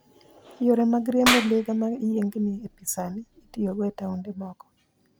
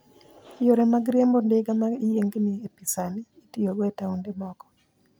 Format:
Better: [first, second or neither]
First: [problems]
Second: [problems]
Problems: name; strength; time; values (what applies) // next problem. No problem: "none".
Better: second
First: background sound (Clapping); 6 dB below the speech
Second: none